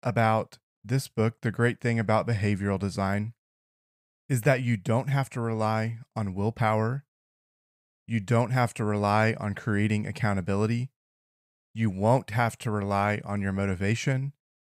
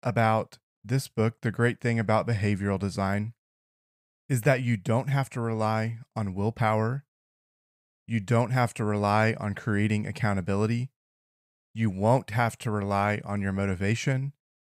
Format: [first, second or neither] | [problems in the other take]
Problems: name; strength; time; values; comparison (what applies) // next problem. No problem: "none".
neither | none